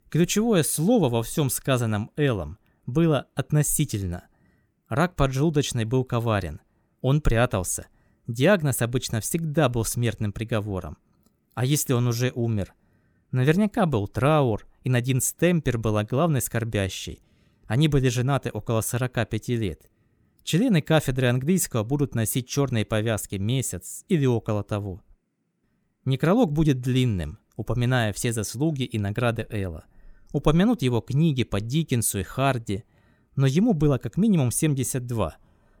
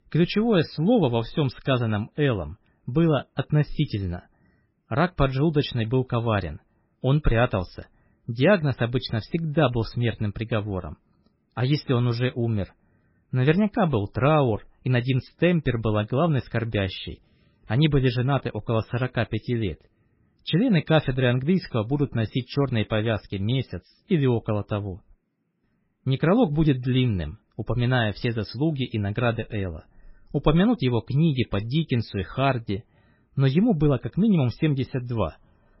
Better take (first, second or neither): first